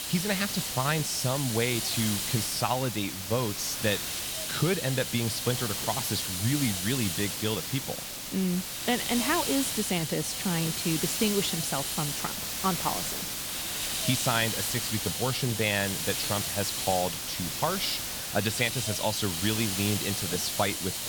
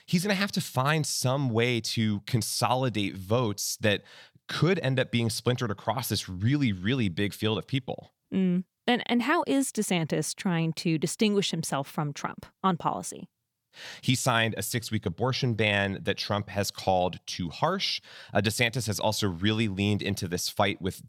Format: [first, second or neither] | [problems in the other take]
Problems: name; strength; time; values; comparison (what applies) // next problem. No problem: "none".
second | hiss; loud; throughout; as loud as the speech